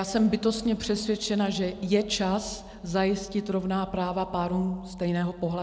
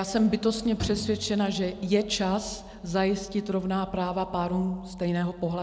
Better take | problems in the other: first | background sound (Bowed string instrument); 11 dB below the speech

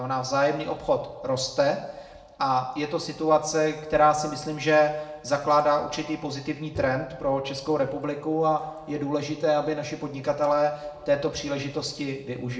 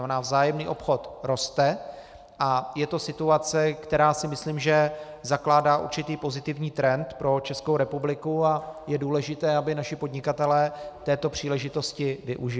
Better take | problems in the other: second | background sound (Bowed string instrument); 15 dB below the speech // room echo; dies away in 0.6 s

